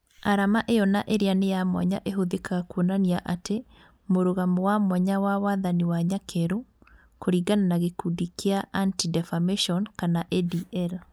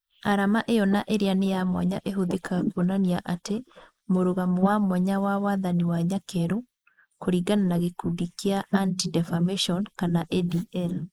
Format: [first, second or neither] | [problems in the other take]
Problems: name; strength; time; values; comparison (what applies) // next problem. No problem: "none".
first | noise reduction (neural mask model Resemble Enhance denoiser)